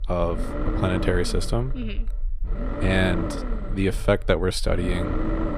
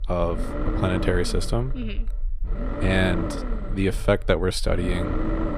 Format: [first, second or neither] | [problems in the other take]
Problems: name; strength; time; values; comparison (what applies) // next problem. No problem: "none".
neither | low rumble; loud; throughout; 7 dB below the speech; the same in both